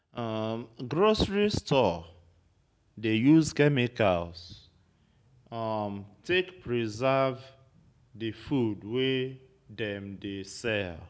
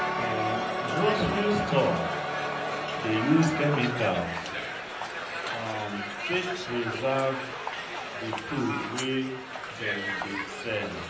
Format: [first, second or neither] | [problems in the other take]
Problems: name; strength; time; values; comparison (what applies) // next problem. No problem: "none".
first | background sound (Crowd); 2 dB below the speech // room echo; dies away in 0.6 s